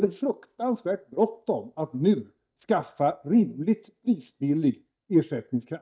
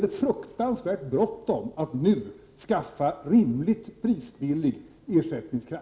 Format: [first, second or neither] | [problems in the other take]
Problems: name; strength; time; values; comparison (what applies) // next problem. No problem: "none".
second | noise reduction (neural mask model DeepFilterNet 3)